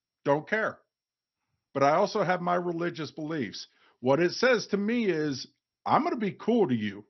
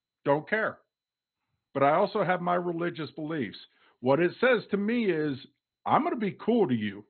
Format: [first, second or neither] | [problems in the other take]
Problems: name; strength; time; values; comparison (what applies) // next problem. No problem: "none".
first | garbled, watery; badly; nothing above 4 kHz; slightly in the first